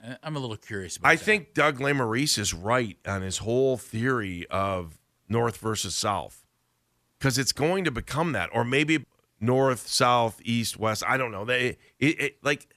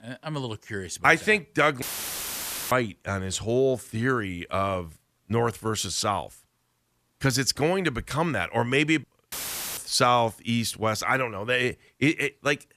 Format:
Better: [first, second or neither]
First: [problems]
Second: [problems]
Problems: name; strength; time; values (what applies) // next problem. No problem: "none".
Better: first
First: none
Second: audio cutting out; filled with static; at 2 s for 1 s and at 9.5 s